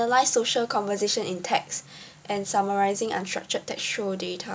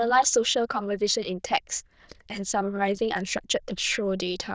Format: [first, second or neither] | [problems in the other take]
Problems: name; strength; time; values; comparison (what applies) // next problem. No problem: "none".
first | noise reduction (neural diffusion model UNIVERSE++)